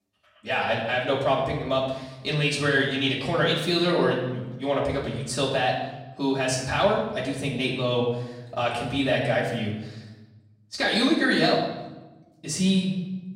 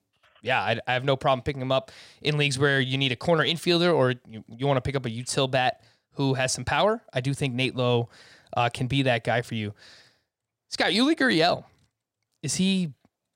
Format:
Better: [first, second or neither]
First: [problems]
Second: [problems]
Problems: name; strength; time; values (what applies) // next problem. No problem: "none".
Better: second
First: room echo; noticeable; dies away in 0.9 s // off-mic speech; far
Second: none